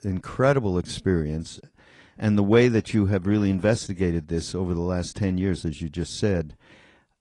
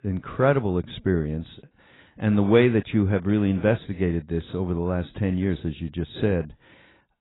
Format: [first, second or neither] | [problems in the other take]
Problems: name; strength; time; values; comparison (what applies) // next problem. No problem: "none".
first | garbled, watery; badly; nothing above 4 kHz; slightly in the first